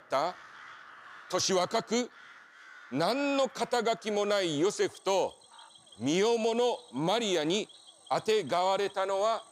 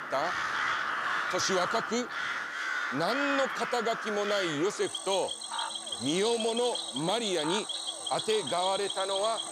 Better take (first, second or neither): first